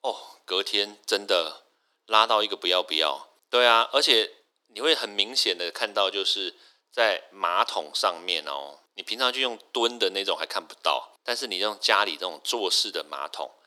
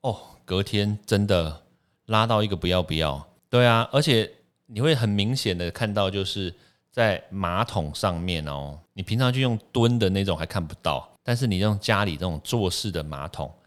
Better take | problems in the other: second | thin; very; fading below 300 Hz

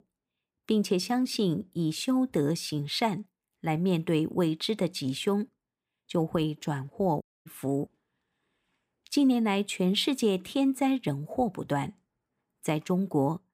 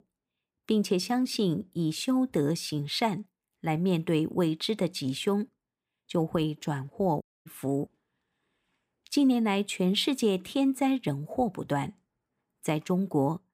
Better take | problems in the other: neither | audio cutting out; at 7 s; the same in both

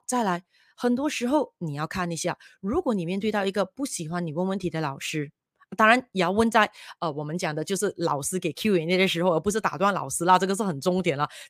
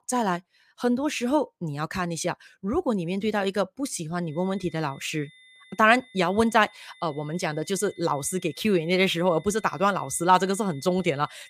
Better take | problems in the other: first | high-pitched whine; faint; from 4.5 s on; 2 kHz, 25 dB below the speech

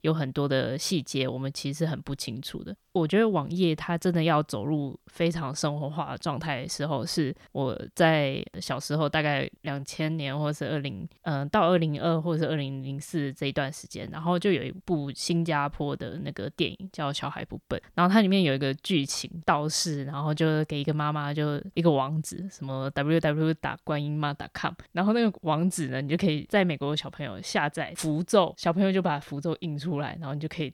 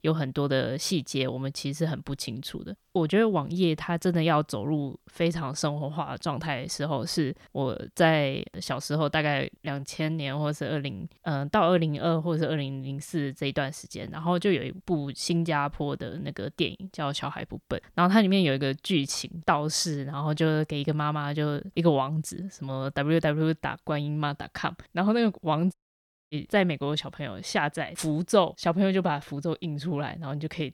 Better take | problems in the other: first | audio cutting out; at 26 s for 0.5 s

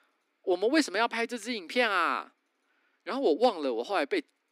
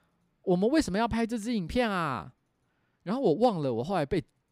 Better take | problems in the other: second | thin; somewhat; fading below 250 Hz

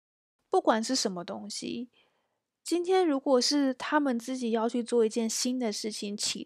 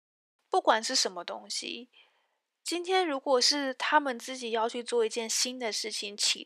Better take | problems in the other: first | thin; somewhat; fading below 450 Hz

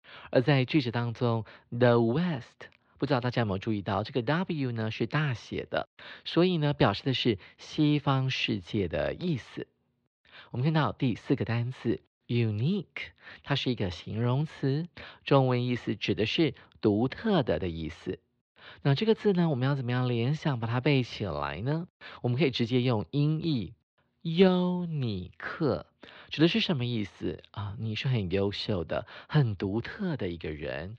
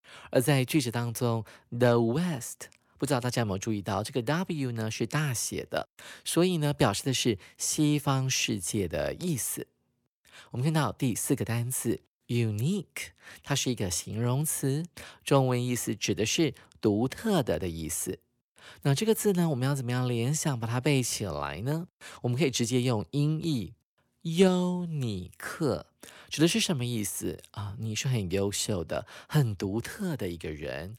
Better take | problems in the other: second | muffled; slightly; fading above 4 kHz

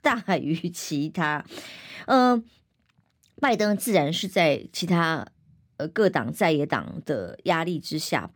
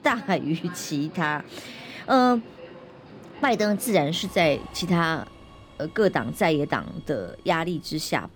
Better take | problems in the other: first | train or aircraft noise; faint; throughout; 20 dB below the speech

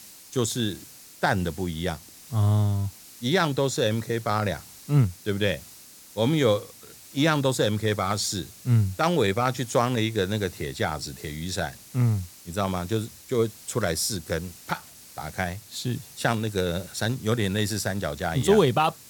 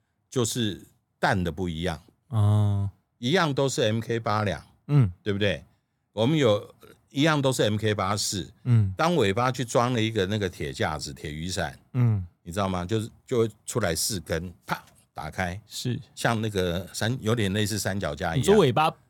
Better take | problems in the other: second | hiss; noticeable; throughout; 20 dB below the speech

